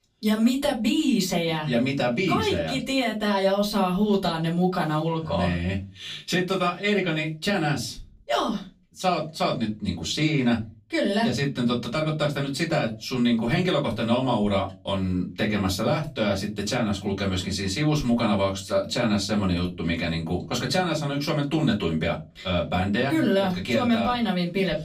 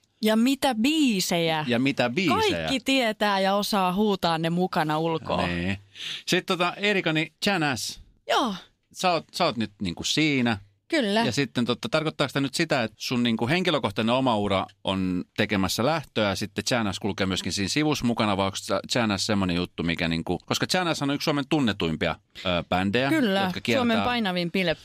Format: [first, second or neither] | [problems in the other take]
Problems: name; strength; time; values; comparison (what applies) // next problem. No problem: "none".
second | off-mic speech; far // room echo; very slight; dies away in 0.3 s